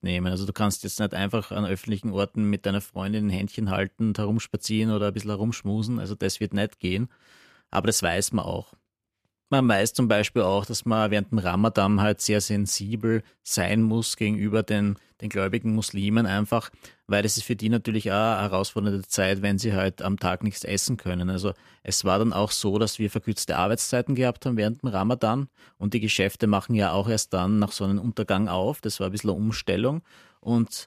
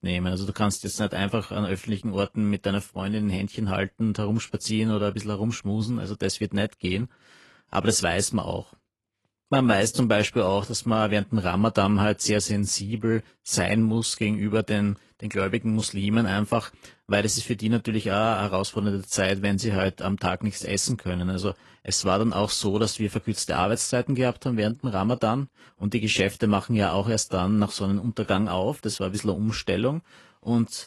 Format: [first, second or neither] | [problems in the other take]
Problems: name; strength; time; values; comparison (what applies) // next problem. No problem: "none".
first | garbled, watery; slightly; nothing above 11 kHz